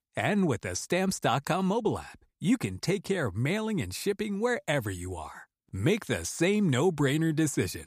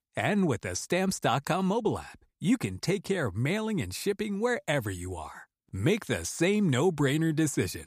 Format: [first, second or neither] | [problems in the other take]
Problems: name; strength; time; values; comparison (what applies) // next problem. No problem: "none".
neither | none